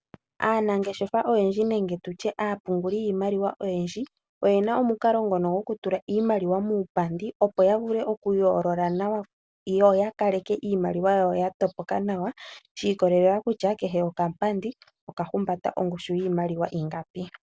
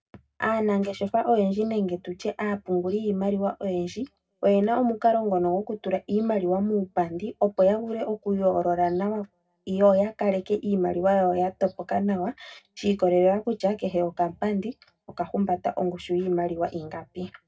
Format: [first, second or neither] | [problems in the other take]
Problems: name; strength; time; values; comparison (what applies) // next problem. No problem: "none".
first | room echo; dies away in 0.2 s